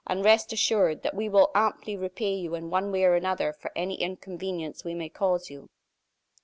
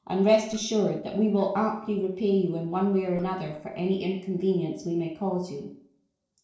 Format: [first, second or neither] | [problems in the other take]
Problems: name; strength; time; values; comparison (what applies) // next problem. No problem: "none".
first | noise reduction (neural separator model SepFormer DNS4)